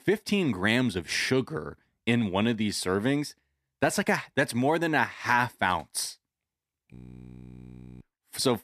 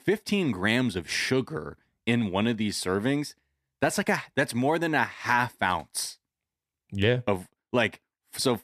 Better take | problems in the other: second | audio freezing; at 7 s for 1 s

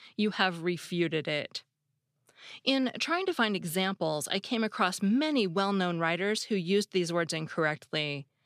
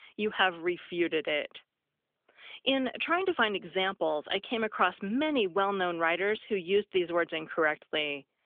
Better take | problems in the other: first | phone-call audio; nothing above 3.5 kHz

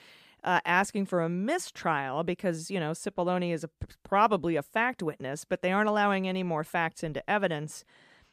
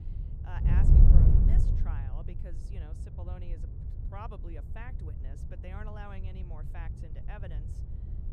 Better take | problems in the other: first | wind noise on the microphone; heavy; 3 dB above the speech

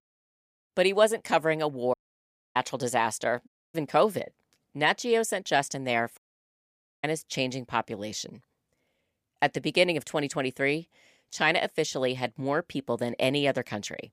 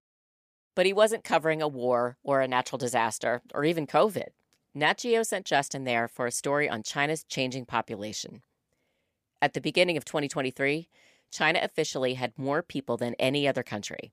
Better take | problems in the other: second | audio cutting out; at 2 s for 0.5 s, at 3.5 s and at 6 s for 1 s

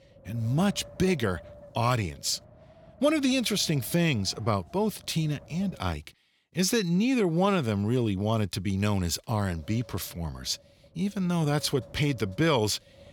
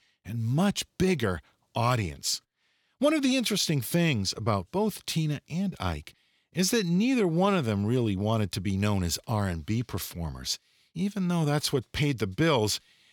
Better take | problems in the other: second | wind noise on the microphone; occasional gusts; until 6 s and from 9.5 s on; 20 dB below the speech

